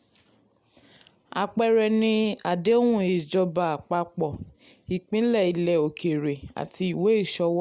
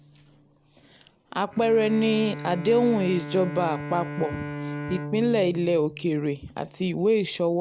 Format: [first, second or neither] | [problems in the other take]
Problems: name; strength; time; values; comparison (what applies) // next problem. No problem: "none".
first | background sound (Bowed string instrument); 11 dB below the speech